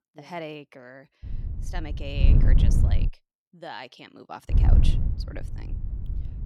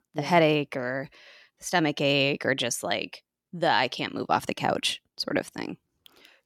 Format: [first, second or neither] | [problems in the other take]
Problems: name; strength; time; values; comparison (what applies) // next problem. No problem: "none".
second | wind noise on the microphone; heavy; from 1 to 3 s and from 4.5 s on; 1 dB below the speech